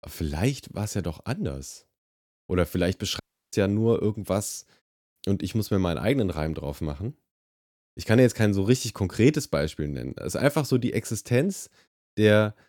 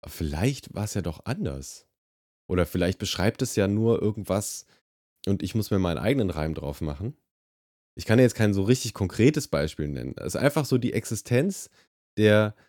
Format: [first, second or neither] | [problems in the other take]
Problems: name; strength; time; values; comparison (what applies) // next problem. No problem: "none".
second | audio cutting out; at 3 s